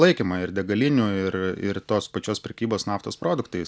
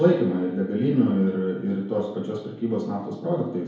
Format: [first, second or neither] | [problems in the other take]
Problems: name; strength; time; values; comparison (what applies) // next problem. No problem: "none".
first | room echo; dies away in 0.9 s